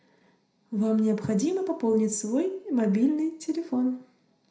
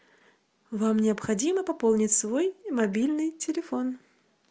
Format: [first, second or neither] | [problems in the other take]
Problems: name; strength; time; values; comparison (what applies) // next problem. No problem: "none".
second | room echo; dies away in 0.5 s